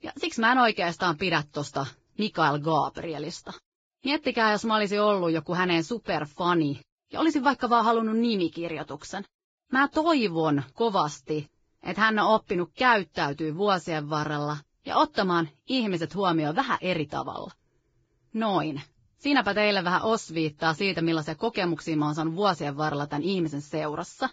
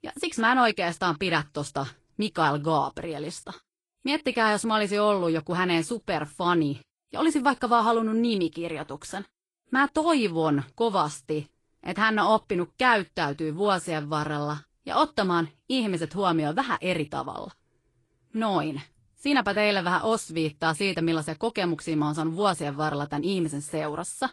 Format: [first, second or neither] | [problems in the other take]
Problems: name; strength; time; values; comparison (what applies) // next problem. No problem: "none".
second | garbled, watery; badly; nothing above 7.5 kHz; slightly in the second